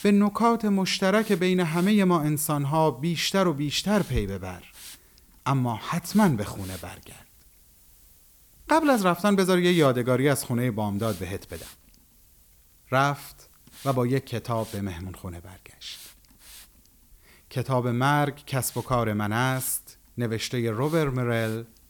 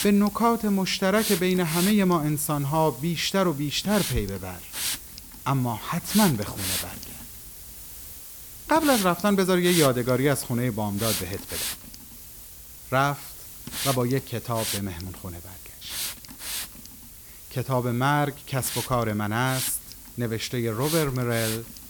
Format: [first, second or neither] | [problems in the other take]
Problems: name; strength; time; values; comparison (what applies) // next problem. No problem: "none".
first | hiss; loud; throughout; 8 dB below the speech; faint in the first